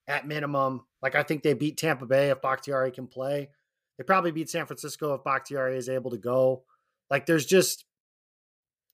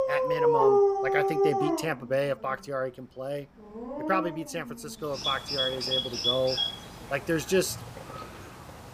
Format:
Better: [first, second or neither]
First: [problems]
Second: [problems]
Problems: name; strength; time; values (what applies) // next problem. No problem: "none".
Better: first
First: none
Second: animal sounds; very loud; throughout; 5 dB above the speech